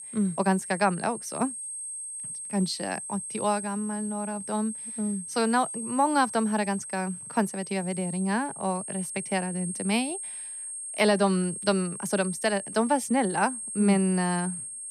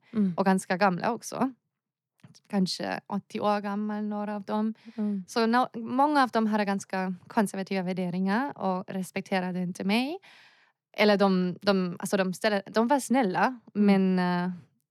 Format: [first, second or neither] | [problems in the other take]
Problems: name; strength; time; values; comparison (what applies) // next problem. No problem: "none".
second | high-pitched whine; loud; throughout; 8.5 kHz, 7 dB below the speech